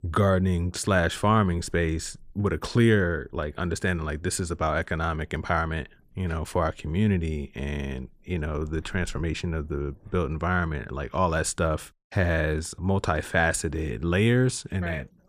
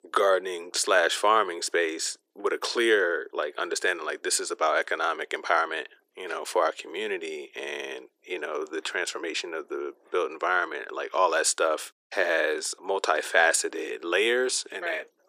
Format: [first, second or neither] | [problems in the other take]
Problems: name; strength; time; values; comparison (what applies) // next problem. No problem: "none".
first | thin; very; fading below 350 Hz